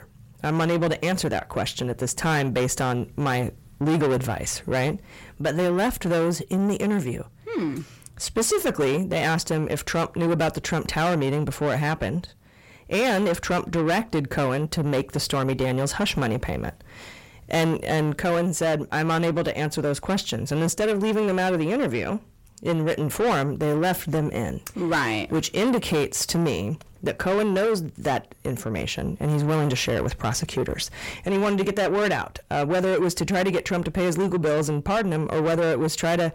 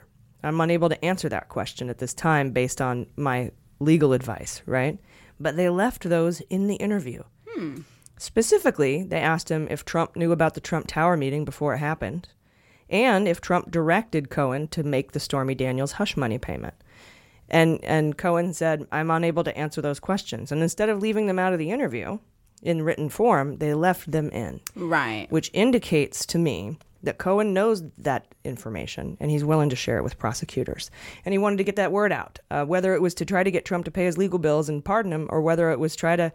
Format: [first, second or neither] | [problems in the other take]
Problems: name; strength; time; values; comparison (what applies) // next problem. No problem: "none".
second | distortion; heavy; 7 dB below the speech